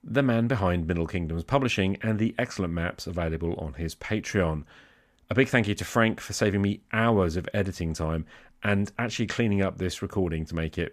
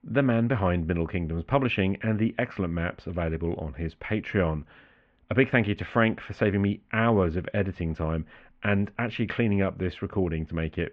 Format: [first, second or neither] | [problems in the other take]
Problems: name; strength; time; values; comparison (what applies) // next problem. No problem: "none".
first | muffled; very; fading above 2.5 kHz